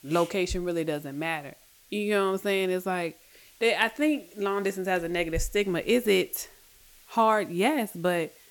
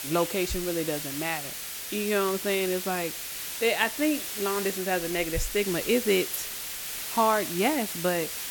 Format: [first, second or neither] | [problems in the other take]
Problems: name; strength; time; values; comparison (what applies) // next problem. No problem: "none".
first | hiss; loud; throughout; 5 dB below the speech; faint in the first